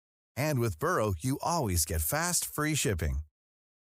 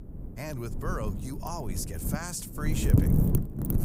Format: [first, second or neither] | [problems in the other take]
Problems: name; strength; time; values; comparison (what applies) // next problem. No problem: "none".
first | wind noise on the microphone; heavy; 1 dB below the speech